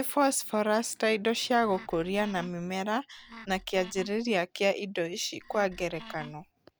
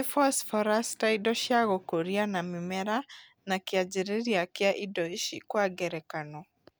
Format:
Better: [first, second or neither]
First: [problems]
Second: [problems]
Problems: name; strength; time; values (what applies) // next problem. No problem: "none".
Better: second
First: background sound (Wood); 18 dB below the speech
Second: none